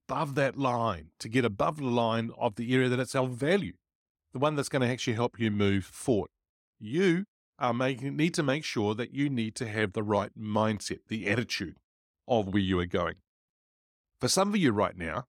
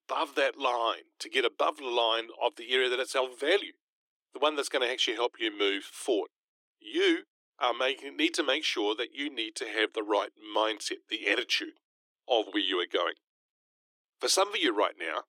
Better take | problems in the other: first | thin; very; fading below 300 Hz

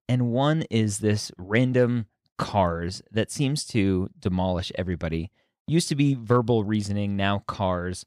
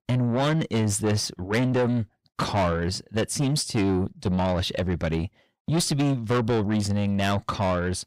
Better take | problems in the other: first | distortion; heavy; 7 dB below the speech

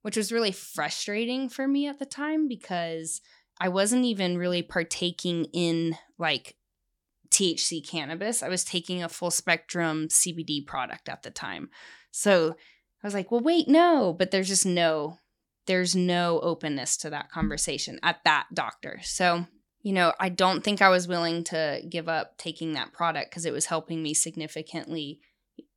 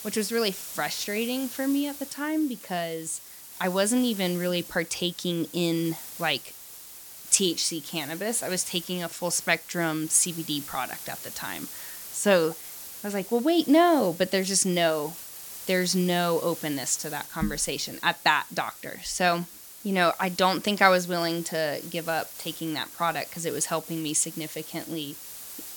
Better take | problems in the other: first | hiss; noticeable; throughout; 10 dB below the speech

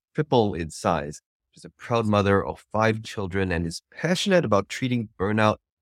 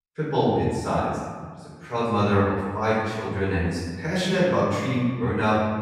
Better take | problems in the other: first | off-mic speech; far // room echo; strong; dies away in 1.5 s

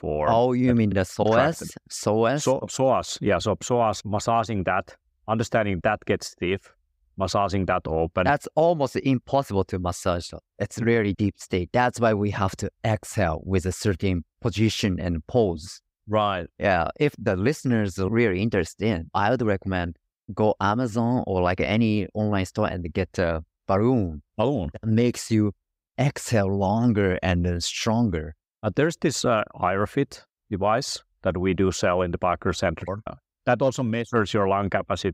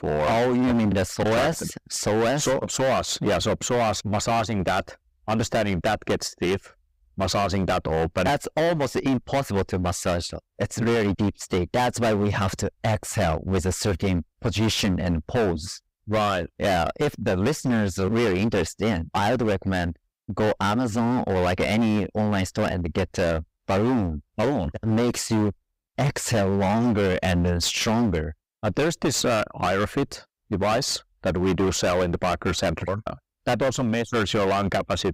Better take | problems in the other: first | distortion; heavy; 20% of the sound clipped

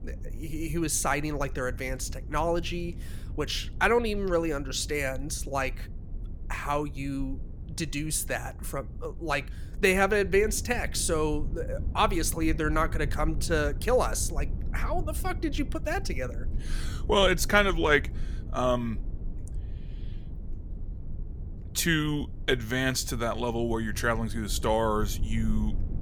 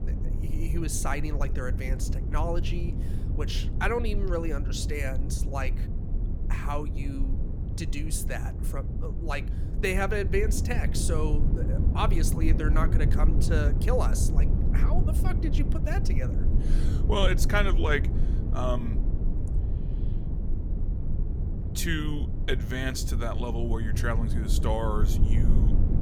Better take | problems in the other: first | low rumble; loud; throughout; 9 dB below the speech; faint in the first

